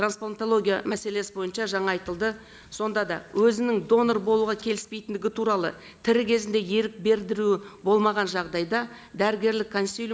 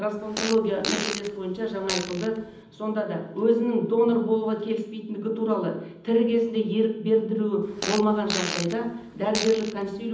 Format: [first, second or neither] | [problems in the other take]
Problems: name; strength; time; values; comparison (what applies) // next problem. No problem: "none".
first | background sound (Fart); 9 dB below the speech // room echo; dies away in 0.8 s